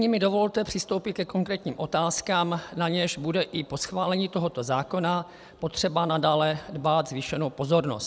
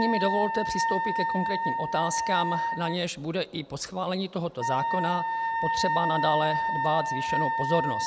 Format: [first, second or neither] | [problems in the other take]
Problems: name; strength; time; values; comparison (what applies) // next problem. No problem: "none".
first | background sound (Wind instrument, woodwind instrument); 1 dB above the speech